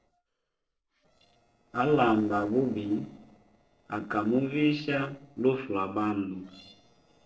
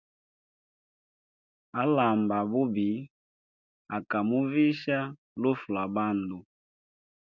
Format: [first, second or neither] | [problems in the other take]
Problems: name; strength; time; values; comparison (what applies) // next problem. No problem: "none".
second | noise reduction (neural separator model SepFormer DNS4)